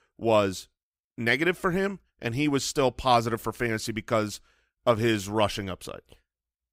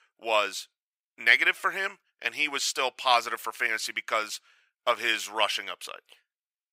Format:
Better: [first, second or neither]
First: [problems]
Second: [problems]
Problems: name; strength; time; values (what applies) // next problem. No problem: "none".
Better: first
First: none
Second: thin; very; fading below 800 Hz